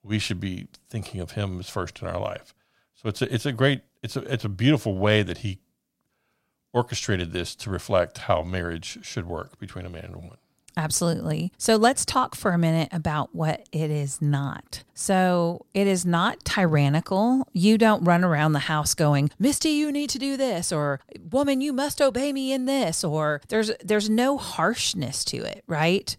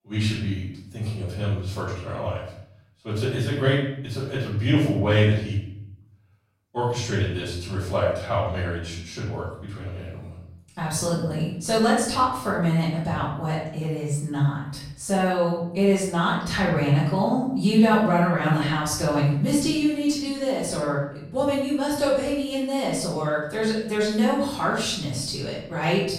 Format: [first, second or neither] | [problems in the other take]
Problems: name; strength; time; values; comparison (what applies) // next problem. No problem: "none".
first | off-mic speech; far // room echo; noticeable; dies away in 0.7 s